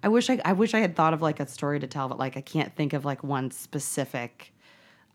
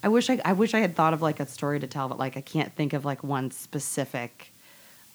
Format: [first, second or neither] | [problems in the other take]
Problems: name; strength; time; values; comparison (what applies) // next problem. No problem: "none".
first | hiss; faint; throughout; 25 dB below the speech